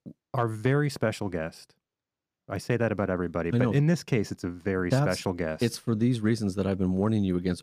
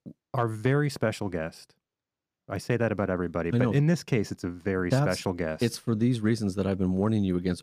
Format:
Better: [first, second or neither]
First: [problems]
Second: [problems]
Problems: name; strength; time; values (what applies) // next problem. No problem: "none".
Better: neither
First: none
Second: none